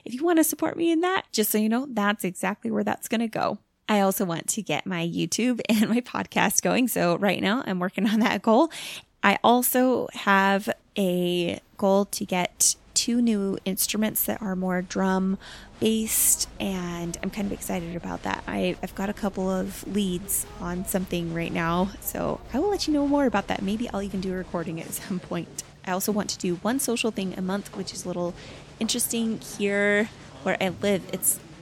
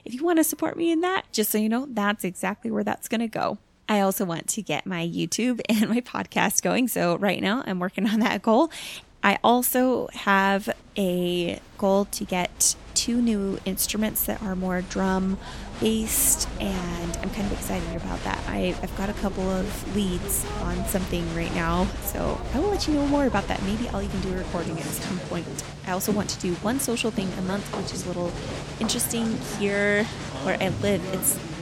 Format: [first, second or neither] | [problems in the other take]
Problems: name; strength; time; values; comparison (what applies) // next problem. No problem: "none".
first | crowd noise; loud; throughout; 9 dB below the speech; faint in the first